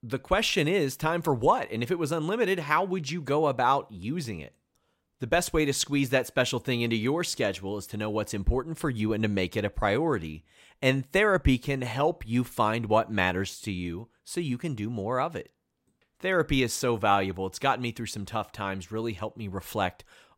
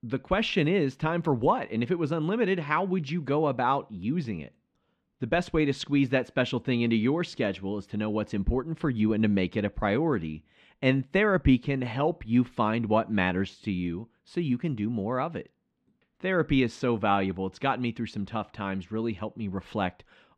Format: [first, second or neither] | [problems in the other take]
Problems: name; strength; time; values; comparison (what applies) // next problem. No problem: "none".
first | muffled; slightly; fading above 3 kHz